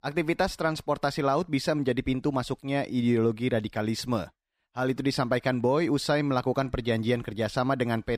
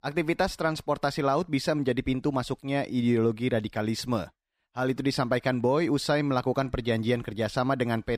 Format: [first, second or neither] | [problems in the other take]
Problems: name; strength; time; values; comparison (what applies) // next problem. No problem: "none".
neither | none